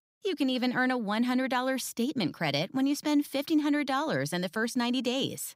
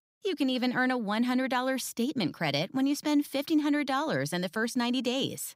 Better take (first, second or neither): neither